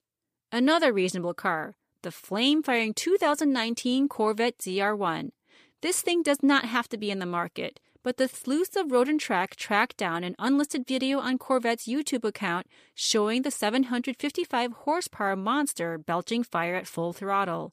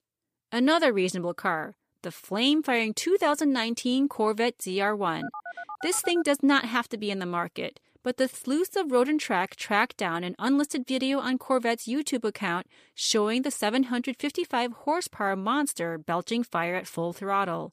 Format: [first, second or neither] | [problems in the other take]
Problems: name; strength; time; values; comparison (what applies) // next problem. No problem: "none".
first | phone ringing; faint; from 5 to 6 s; peak 10 dB below the speech